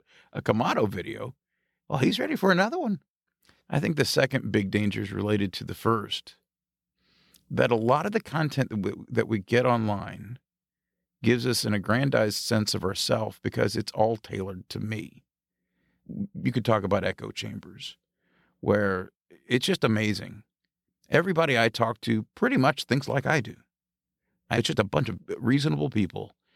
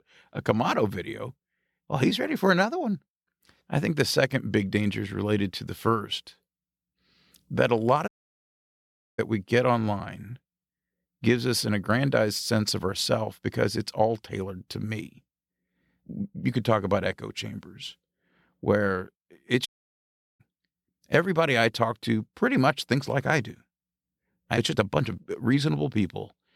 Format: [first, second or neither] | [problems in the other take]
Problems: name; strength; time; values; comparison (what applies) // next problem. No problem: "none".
first | audio cutting out; at 8 s for 1 s and at 20 s for 0.5 s